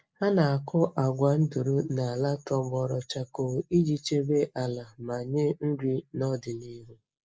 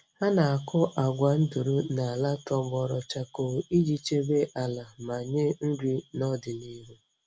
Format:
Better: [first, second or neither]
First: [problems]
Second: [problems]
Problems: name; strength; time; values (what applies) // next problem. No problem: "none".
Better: second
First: noise reduction (neural mask model Resemble Enhance denoiser)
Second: none